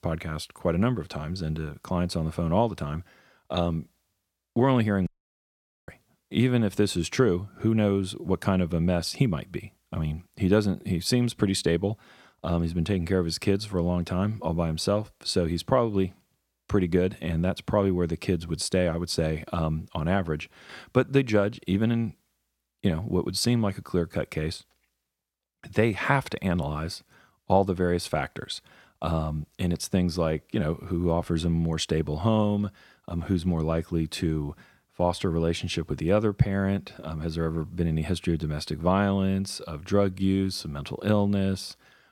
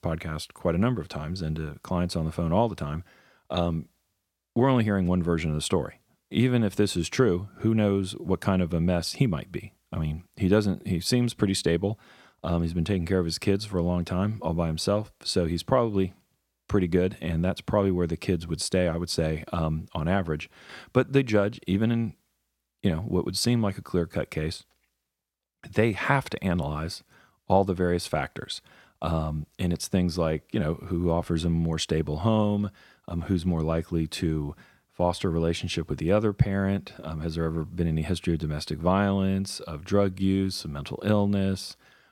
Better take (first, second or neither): second